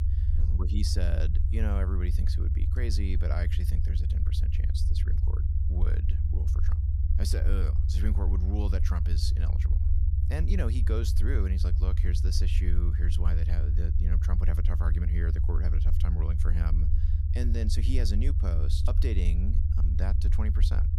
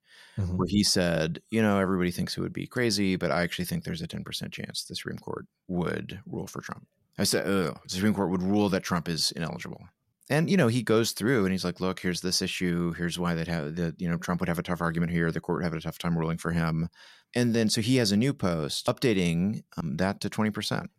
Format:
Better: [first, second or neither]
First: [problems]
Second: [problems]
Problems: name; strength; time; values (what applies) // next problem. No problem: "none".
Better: second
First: low rumble; loud; throughout; 4 dB below the speech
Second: none